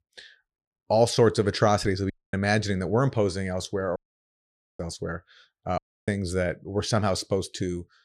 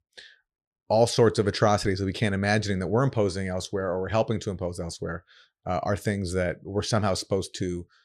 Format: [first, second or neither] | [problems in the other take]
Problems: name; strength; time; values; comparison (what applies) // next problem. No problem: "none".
second | audio cutting out; at 2 s, at 4 s for 1 s and at 6 s